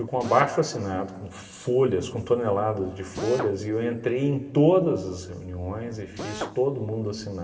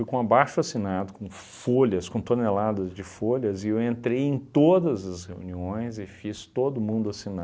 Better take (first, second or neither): second